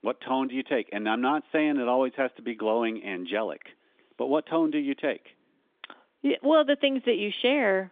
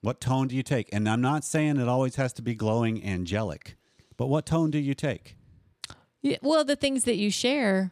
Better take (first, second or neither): second